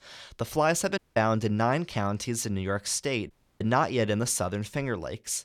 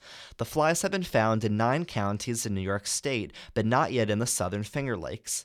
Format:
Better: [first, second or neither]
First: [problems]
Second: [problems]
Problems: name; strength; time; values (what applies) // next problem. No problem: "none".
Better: second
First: audio cutting out; at 1 s and at 3.5 s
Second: none